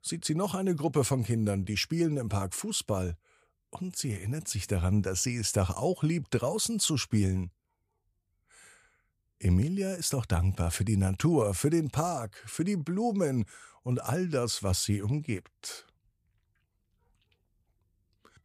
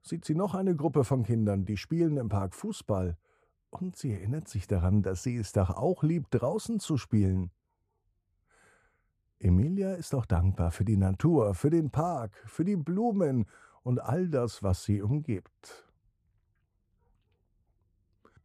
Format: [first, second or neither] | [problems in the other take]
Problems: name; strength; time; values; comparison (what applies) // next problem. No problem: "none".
first | muffled; slightly; fading above 2 kHz